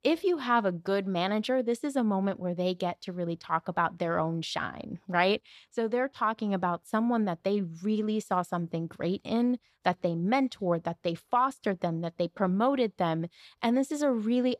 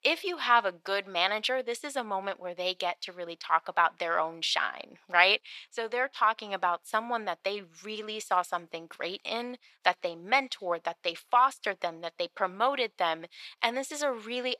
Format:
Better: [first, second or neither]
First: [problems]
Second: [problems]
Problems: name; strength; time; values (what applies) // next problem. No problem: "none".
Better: first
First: none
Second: thin; very; fading below 700 Hz